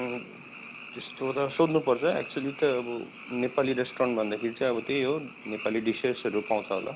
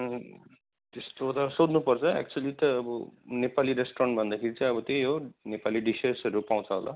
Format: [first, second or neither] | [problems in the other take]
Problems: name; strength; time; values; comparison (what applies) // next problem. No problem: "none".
second | background sound (Frog); 15 dB below the speech